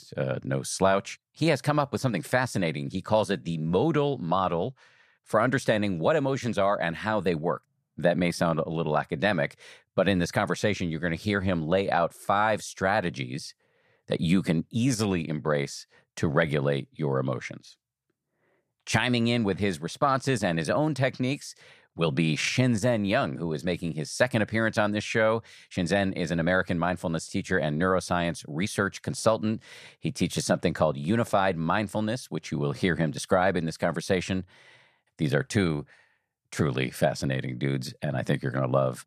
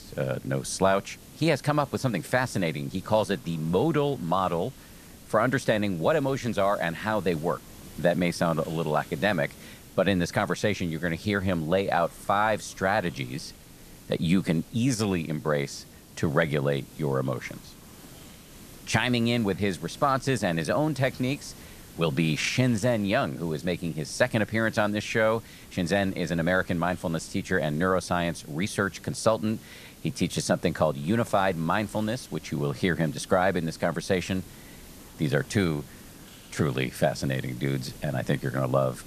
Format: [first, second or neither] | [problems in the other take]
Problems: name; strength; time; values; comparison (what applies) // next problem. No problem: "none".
first | hiss; faint; throughout; 20 dB below the speech